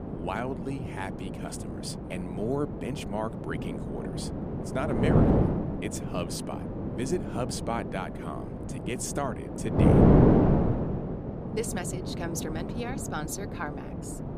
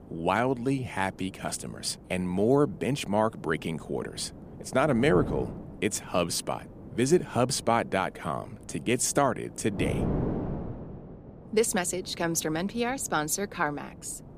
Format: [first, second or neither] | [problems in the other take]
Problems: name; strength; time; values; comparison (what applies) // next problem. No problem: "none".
second | wind noise on the microphone; heavy; 2 dB above the speech; occasional gusts in the second